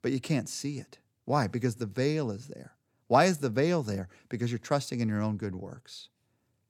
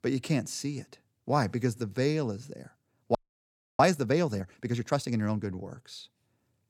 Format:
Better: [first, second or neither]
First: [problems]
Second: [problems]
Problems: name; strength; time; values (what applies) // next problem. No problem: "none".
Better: first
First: none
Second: audio freezing; at 3 s for 0.5 s